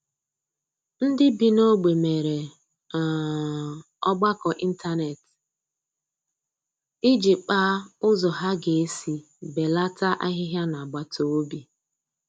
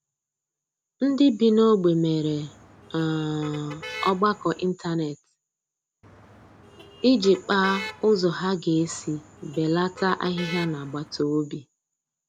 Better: first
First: none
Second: background sound (Motor vehicle (road)); 16 dB below the speech

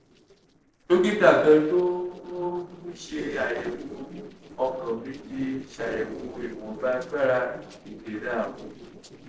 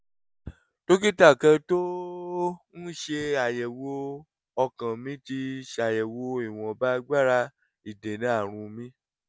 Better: second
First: noise reduction (neural separator model SepFormer DNS4)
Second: none

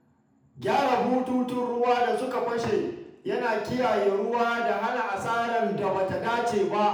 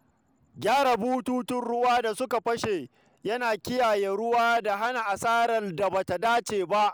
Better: second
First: room echo; dies away in 0.8 s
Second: none

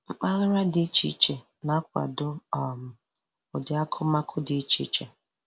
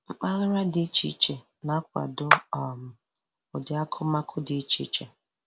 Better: first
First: none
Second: background sound (Clapping); 1 dB above the speech

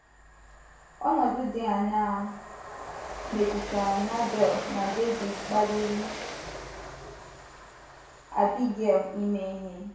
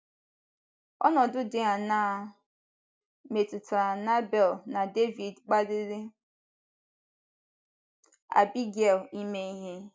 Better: second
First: background sound (Train); 10 dB below the speech // room echo; dies away in 0.6 s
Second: none

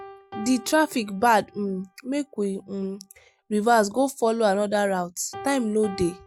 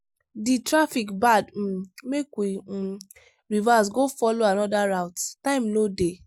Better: second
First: background sound (Piano); 20 dB below the speech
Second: none

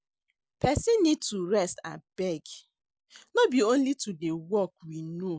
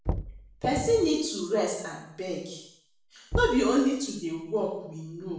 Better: first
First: none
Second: background sound (Knock); 9 dB below the speech // room echo; dies away in 0.7 s

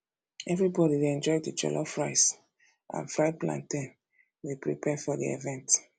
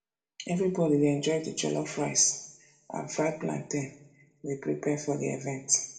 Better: first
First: none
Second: room echo; dies away in 0.5 s

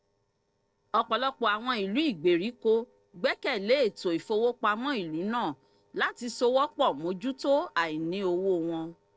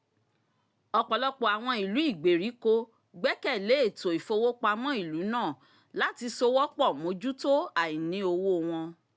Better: second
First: noise reduction (neural separator model SepFormer DNS4)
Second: none

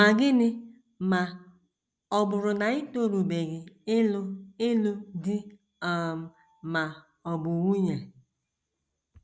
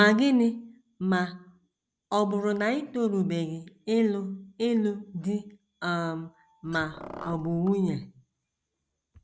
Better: first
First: none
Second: background sound (Car); 15 dB below the speech

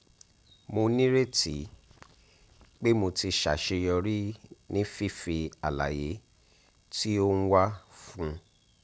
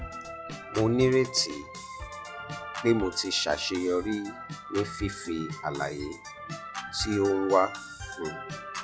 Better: first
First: none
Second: noise reduction (classical method log-MMSE)

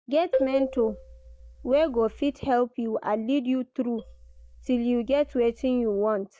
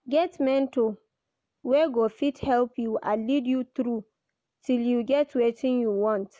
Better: second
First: noise reduction (neural mask model DeepFilterNet 3)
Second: none

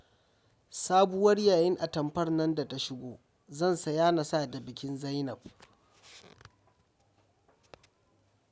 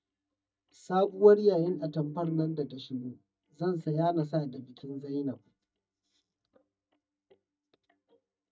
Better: first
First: none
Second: noise reduction (neural mask model DeepFilterNet 3)

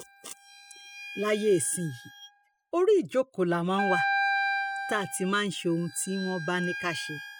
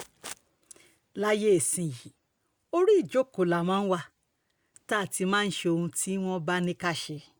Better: second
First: noise reduction (classical method spectral subtraction)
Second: none

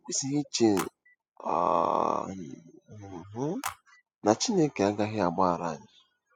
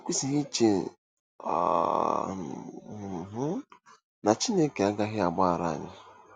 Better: second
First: noise reduction (classical method spectral subtraction)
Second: none

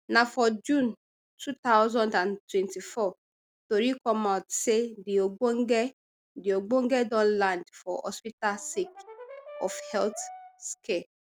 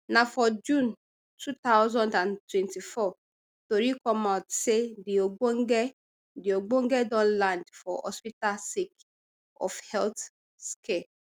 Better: second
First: background sound (Brass instrument); 17 dB below the speech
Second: none

